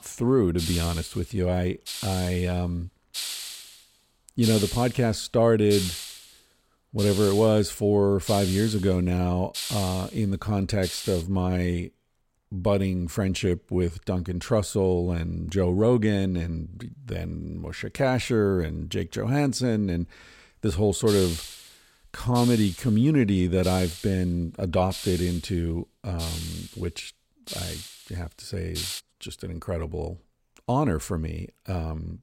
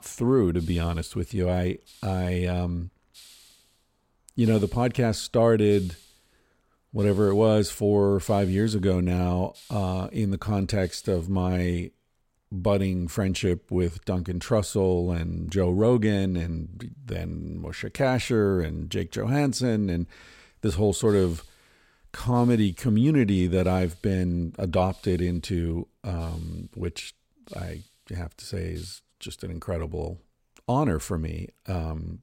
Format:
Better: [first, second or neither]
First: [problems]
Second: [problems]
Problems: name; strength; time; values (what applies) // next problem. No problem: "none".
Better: second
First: hiss; loud; until 11 s and from 21 to 29 s; 9 dB below the speech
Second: hiss; faint; until 11 s and from 21 to 29 s; 25 dB below the speech